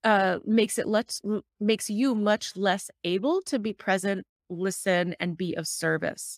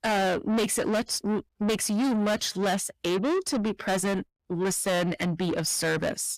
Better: first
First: none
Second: distortion; heavy; 6 dB below the speech

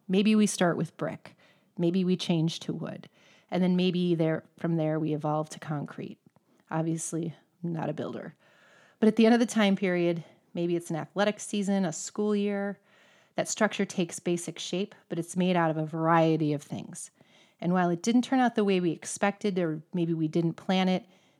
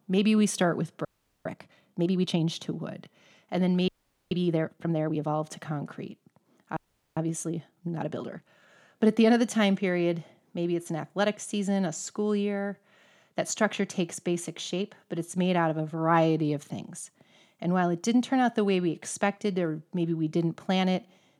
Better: first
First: none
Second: audio freezing; at 1 s, at 4 s and at 7 s

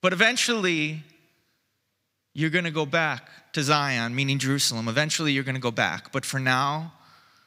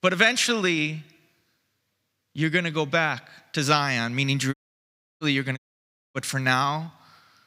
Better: first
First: none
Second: audio cutting out; at 4.5 s for 0.5 s and at 5.5 s for 0.5 s

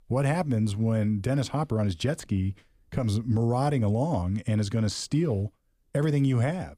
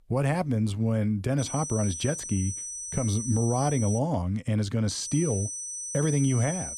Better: first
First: none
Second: high-pitched whine; loud; from 1.5 to 4 s and from 5 s on; 6 kHz, 6 dB below the speech

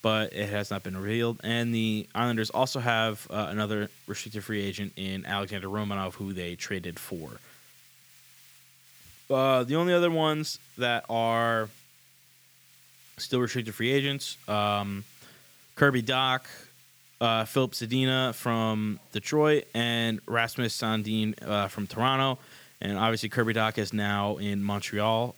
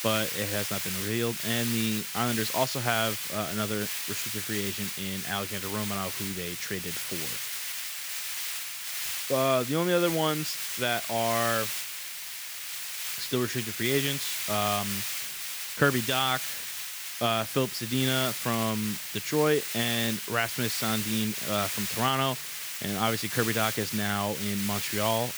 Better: first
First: hiss; faint; throughout; 25 dB below the speech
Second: hiss; loud; throughout; 2 dB below the speech

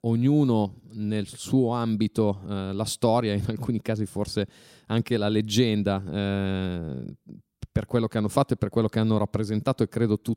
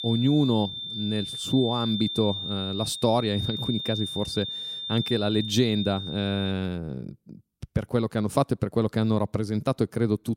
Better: first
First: none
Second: high-pitched whine; loud; until 6.5 s; 3.5 kHz, 5 dB below the speech

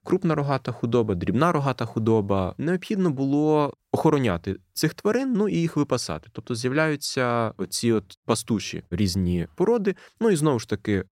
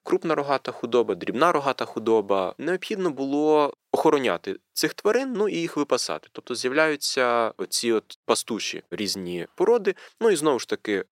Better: first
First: none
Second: thin; somewhat; fading below 400 Hz

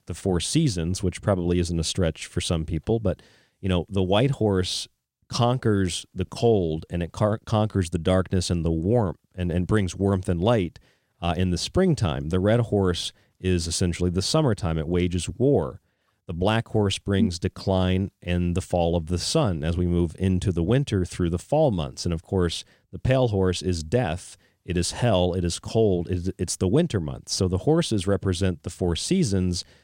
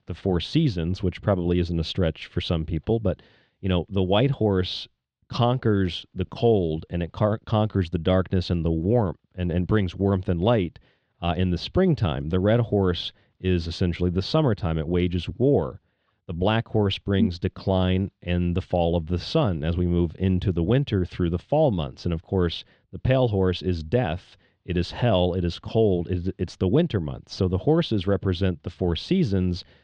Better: first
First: none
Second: muffled; slightly; fading above 3.5 kHz

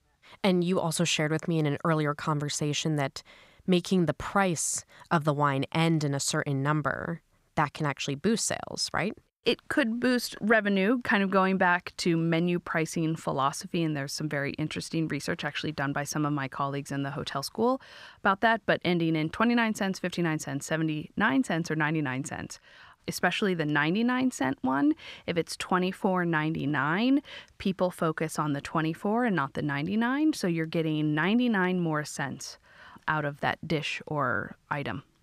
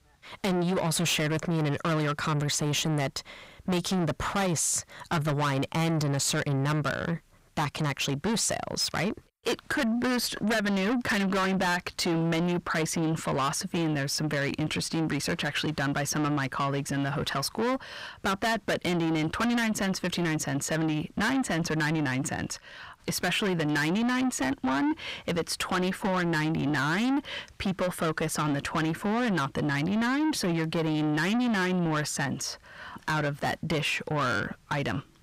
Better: first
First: none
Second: distortion; heavy; 6 dB below the speech

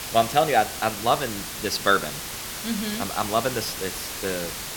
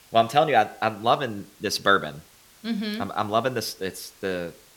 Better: second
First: hiss; loud; throughout; 6 dB below the speech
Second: hiss; faint; throughout; 25 dB below the speech

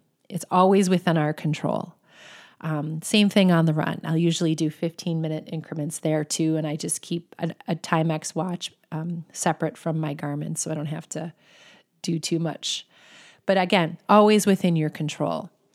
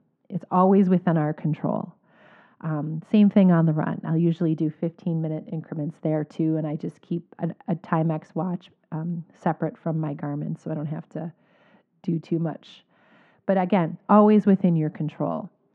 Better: first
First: none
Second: muffled; very; fading above 1.5 kHz

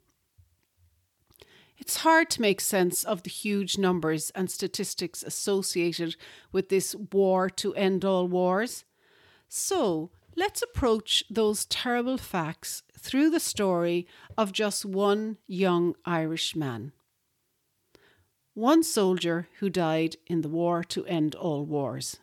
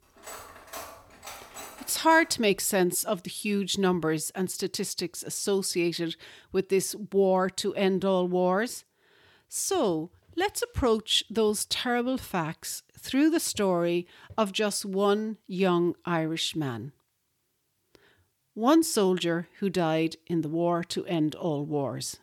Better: first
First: none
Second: clattering dishes; faint; until 2.5 s; peak 15 dB below the speech

